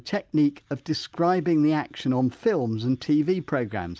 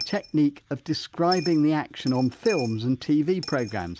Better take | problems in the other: first | background sound (Coin (dropping)); 16 dB below the speech

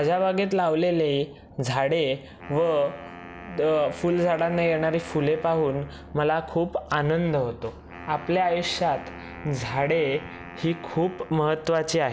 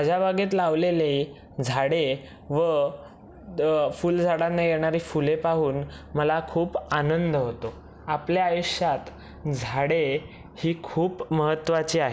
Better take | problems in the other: second | background sound (Wind instrument, woodwind instrument); 18 dB below the speech

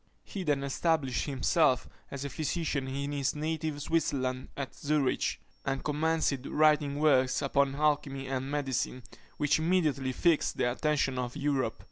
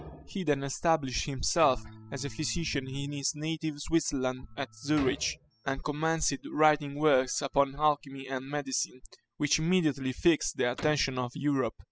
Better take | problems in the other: first | noise reduction (classical method spectral subtraction)

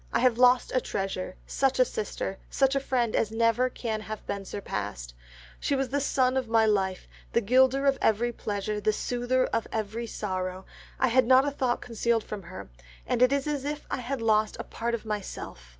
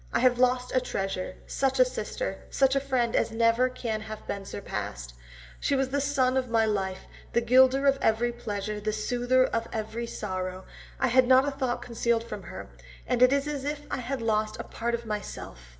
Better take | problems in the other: first | room echo; dies away in 1 s

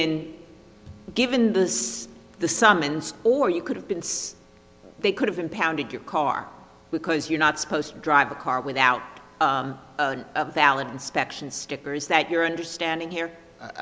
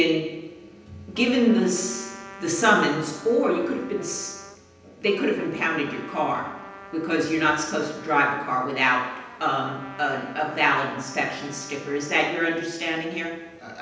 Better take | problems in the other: first | background sound (Trumpet); 18 dB below the speech // room echo; dies away in 0.9 s

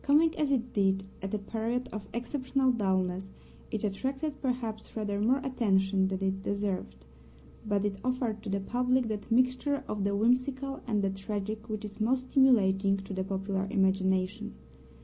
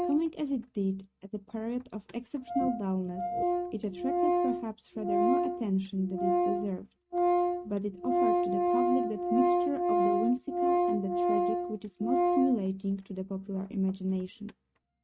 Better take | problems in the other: first | noise reduction (neural mask model RNNoise)

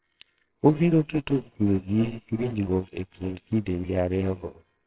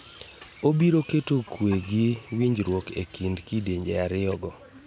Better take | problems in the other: second | noise reduction (neural separator model SepFormer WHAMR!)

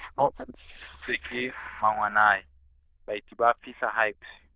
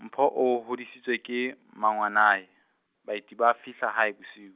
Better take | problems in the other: second | noise reduction (neural diffusion model UNIVERSE++)

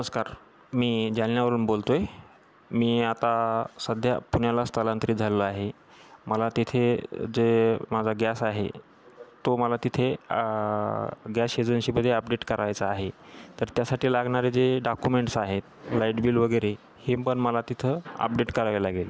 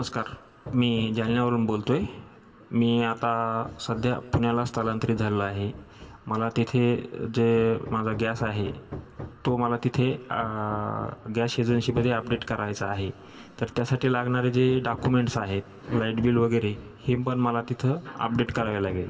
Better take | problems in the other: first | background sound (Hammer); 18 dB below the speech // room echo; dies away in 1.3 s

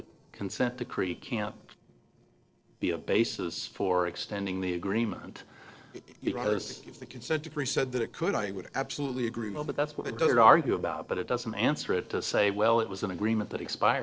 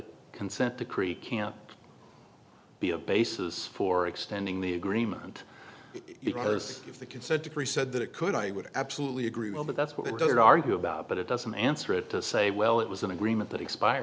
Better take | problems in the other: second | noise reduction (neural separator model SepFormer DNS4)

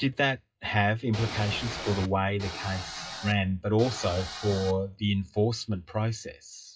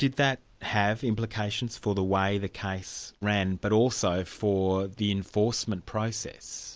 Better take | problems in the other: second | noise reduction (classical method WPE with log-MMSE)

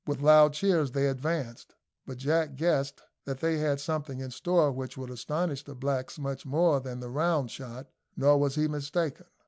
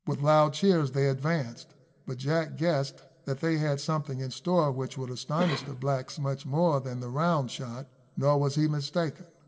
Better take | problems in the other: first | background sound (Cough); 12 dB below the speech // room echo; dies away in 0.3 s

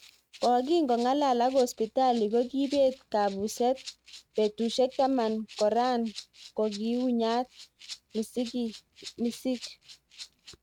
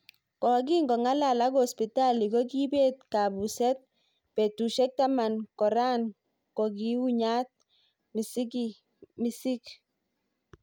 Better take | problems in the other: second | noise reduction (neural mask model RNNoise)

